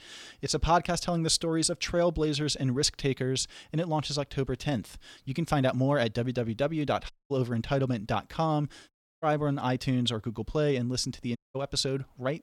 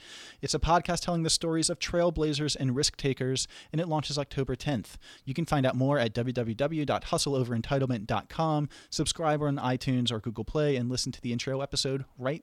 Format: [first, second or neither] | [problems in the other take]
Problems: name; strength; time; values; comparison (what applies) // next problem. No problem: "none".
second | audio cutting out; at 7 s, at 9 s and at 11 s